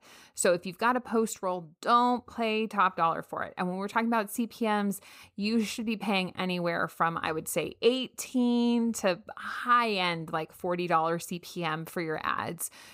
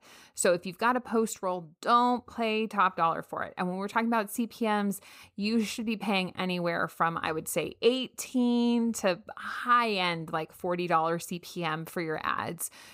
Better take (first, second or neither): neither